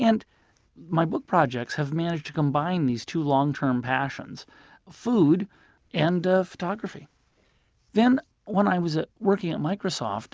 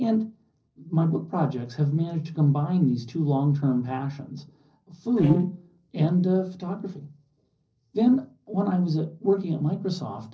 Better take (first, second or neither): first